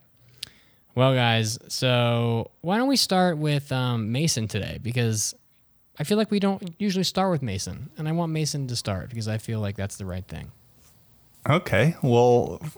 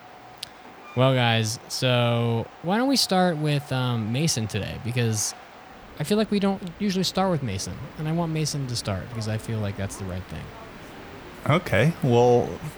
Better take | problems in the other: first | train or aircraft noise; noticeable; throughout; 20 dB below the speech

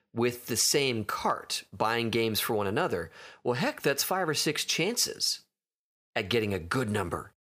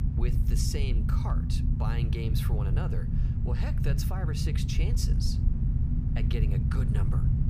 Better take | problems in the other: first | low rumble; loud; throughout; 1 dB below the speech

